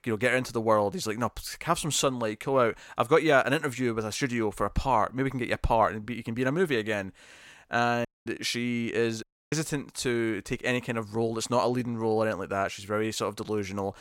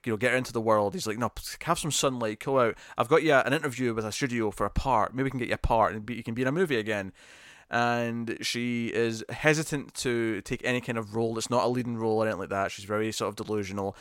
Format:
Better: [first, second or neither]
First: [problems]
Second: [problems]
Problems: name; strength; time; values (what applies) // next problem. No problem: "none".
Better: second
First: audio cutting out; at 8 s and at 9 s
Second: none